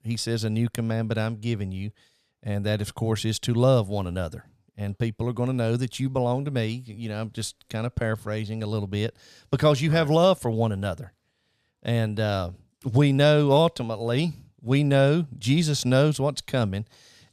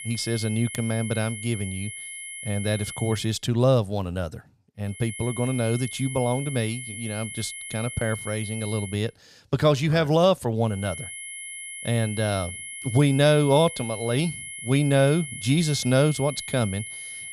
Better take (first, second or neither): first